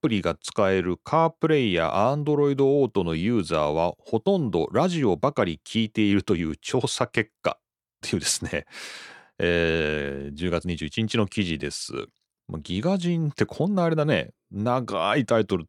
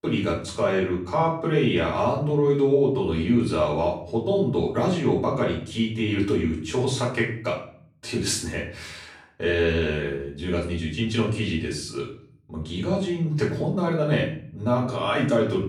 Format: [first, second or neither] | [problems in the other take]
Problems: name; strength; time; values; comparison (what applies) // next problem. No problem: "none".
first | off-mic speech; far // room echo; noticeable; dies away in 0.5 s